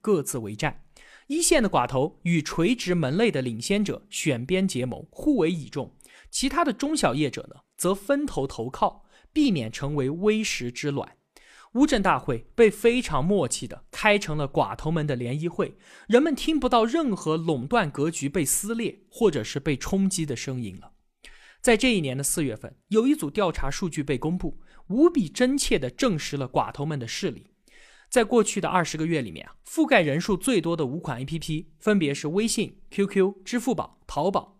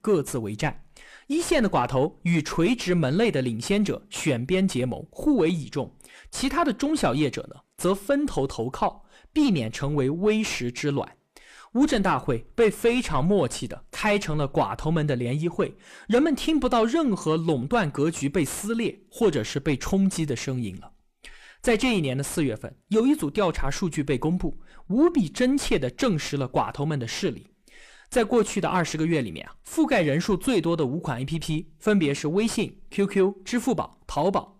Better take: first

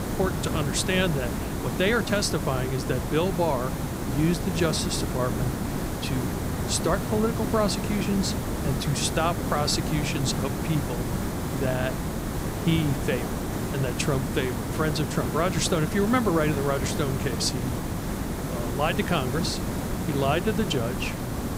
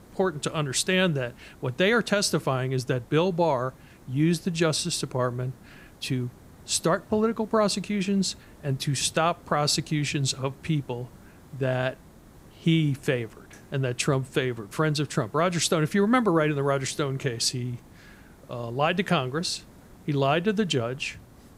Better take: second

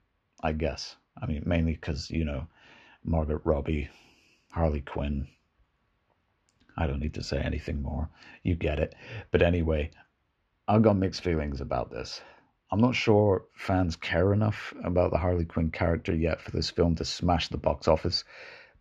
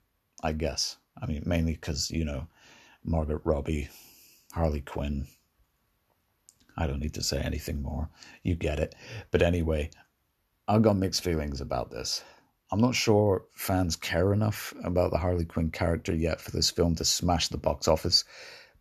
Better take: second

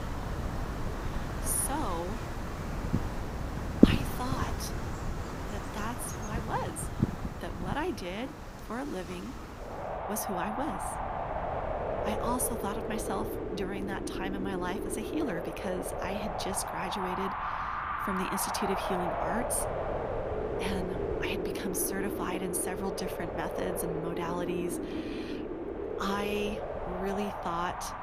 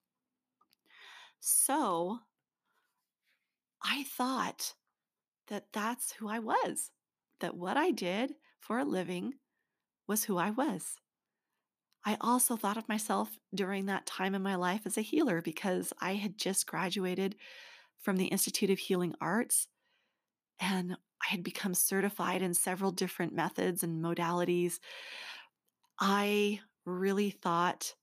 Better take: second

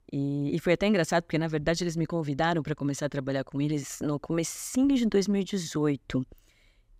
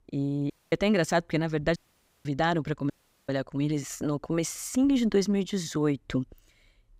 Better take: first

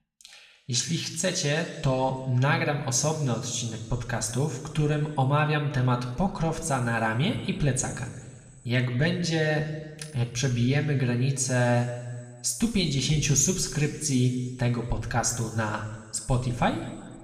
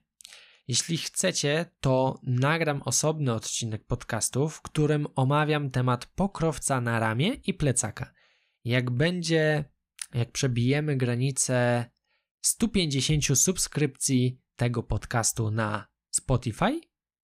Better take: second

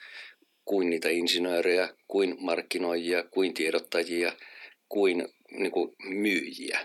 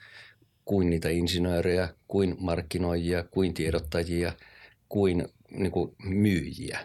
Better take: second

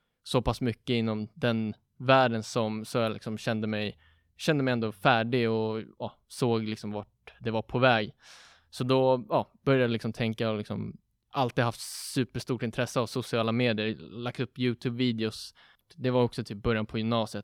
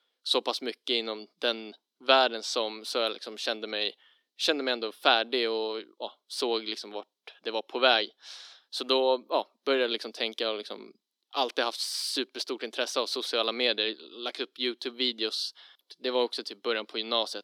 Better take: first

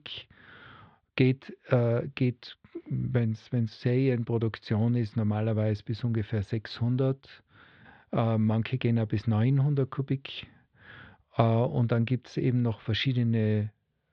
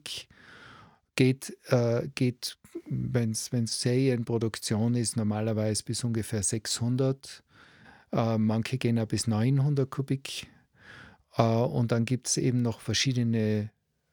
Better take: second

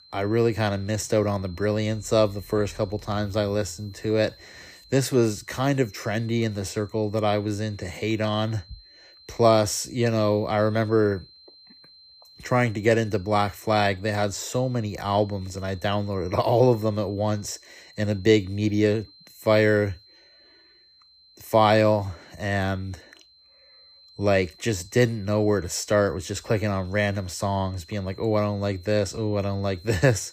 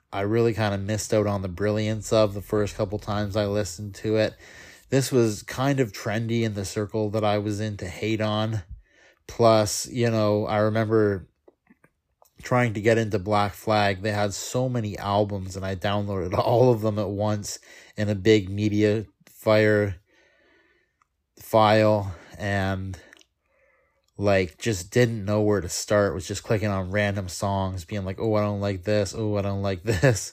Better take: second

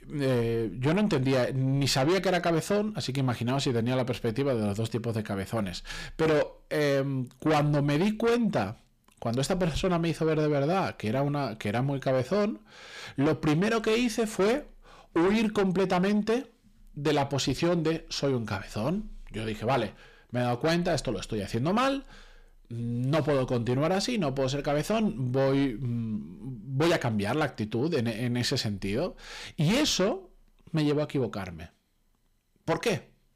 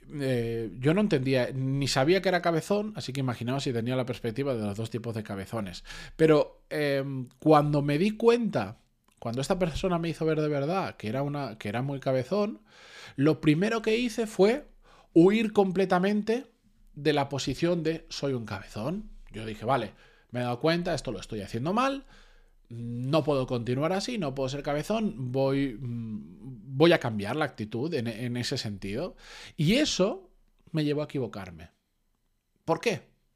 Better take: second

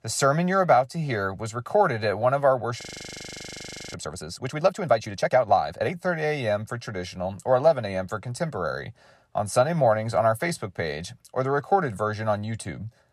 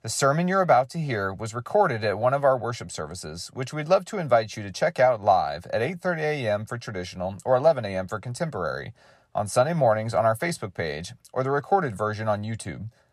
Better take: second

